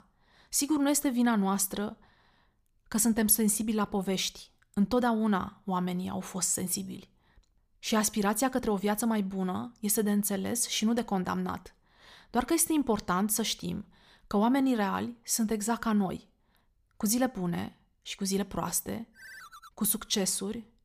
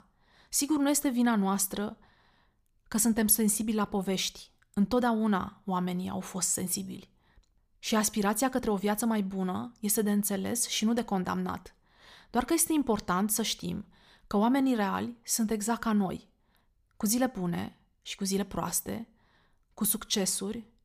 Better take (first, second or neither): second